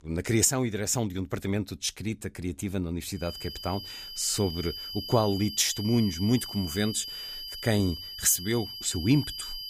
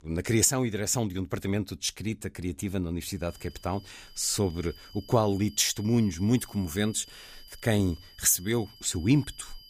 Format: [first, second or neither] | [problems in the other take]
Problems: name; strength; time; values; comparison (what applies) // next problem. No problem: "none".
second | high-pitched whine; loud; from 3 s on; 5 kHz, 9 dB below the speech; faint in the second